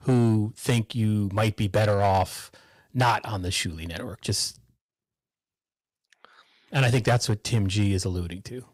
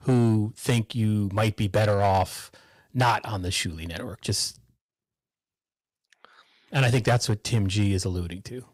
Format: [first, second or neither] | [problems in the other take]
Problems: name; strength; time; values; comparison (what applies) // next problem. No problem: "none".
neither | distortion; slight; 3% of the sound clipped; the same in both